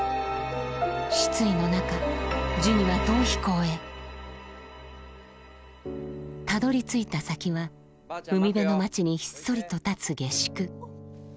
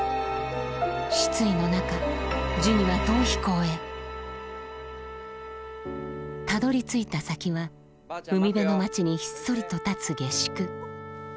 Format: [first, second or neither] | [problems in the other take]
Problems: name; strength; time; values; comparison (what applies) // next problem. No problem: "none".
first | background sound (Wind instrument, woodwind instrument); 13 dB below the speech